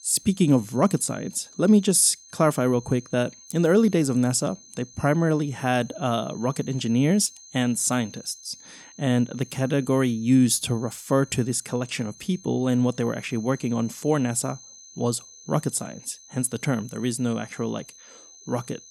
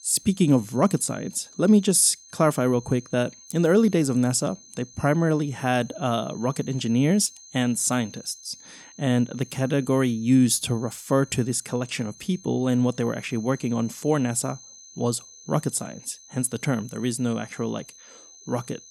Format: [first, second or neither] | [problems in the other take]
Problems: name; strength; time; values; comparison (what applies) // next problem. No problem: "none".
neither | high-pitched whine; faint; throughout; 6.5 kHz, 20 dB below the speech; the same in both